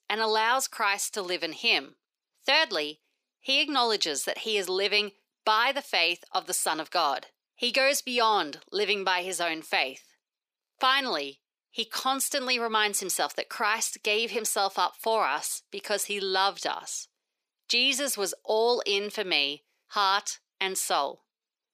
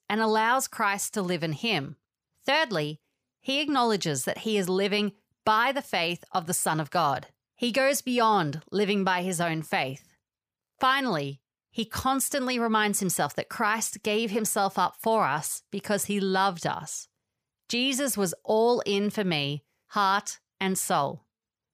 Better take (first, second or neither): second